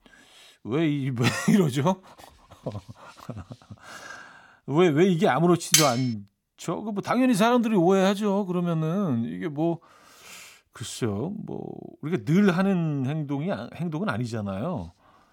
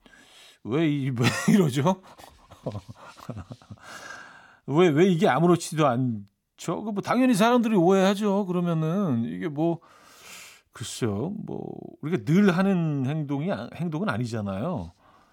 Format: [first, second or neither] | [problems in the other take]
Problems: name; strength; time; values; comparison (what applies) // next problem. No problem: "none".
second | clattering dishes; loud; at 5.5 s; peak 4 dB above the speech